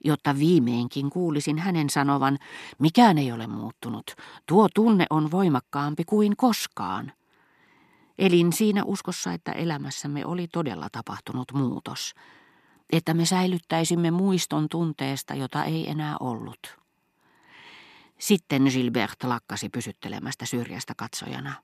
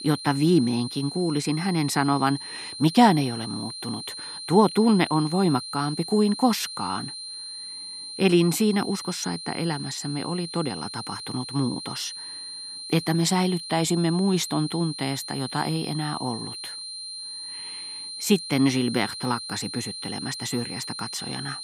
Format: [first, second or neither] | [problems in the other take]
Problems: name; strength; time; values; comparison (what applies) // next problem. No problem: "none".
first | high-pitched whine; loud; throughout; 4 kHz, 9 dB below the speech